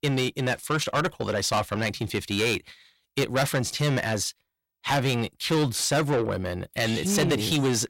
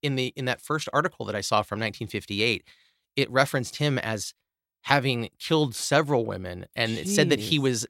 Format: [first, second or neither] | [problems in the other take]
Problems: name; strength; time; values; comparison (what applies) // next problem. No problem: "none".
second | distortion; heavy; 6 dB below the speech